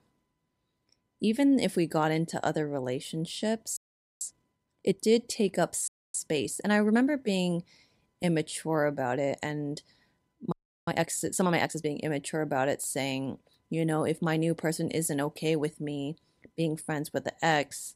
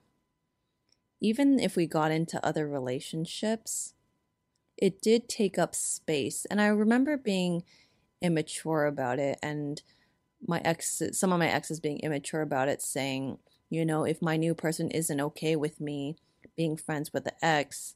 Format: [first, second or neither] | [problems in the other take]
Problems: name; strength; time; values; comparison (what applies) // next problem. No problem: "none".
second | audio freezing; at 4 s, at 6 s and at 11 s